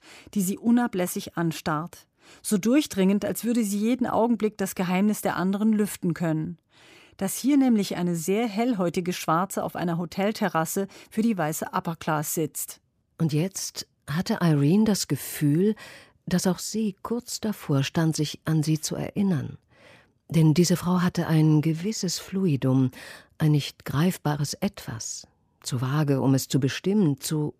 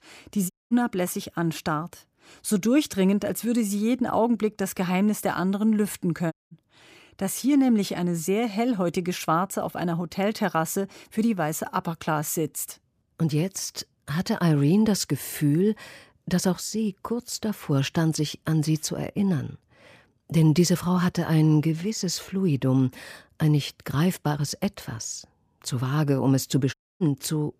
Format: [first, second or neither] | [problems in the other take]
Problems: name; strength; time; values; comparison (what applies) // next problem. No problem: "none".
first | audio cutting out; at 0.5 s, at 6.5 s and at 27 s